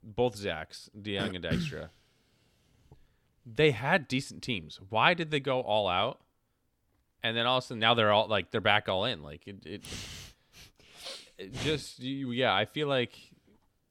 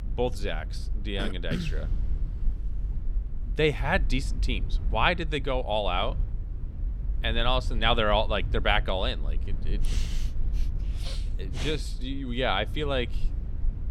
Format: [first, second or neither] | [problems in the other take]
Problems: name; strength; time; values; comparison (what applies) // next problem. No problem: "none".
first | low rumble; faint; throughout; 25 dB below the speech